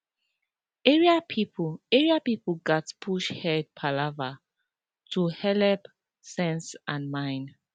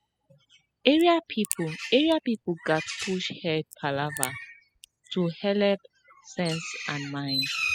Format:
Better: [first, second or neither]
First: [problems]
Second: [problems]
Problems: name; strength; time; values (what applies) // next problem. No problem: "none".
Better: first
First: none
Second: noise reduction (classical method spectral subtraction)